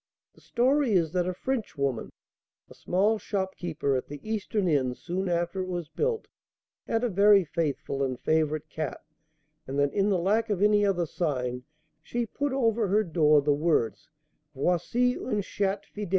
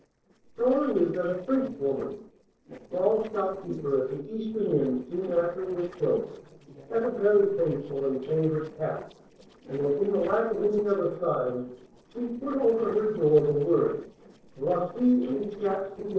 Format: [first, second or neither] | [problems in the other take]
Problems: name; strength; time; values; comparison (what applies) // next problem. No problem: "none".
first | noise reduction (neural separator model SepFormer DNS4)